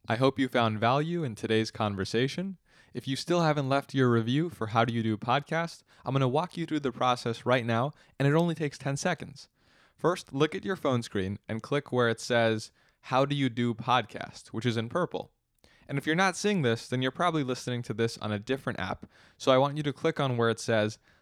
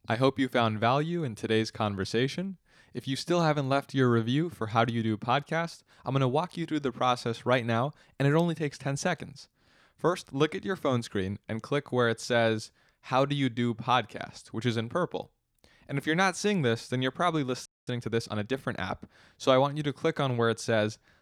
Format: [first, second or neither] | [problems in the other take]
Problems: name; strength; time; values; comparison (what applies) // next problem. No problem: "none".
first | audio freezing; at 18 s